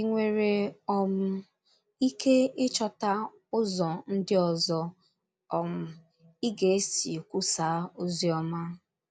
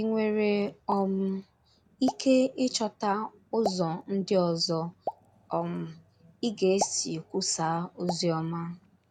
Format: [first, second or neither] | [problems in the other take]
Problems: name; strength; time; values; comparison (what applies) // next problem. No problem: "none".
first | background sound (Explosion); 13 dB below the speech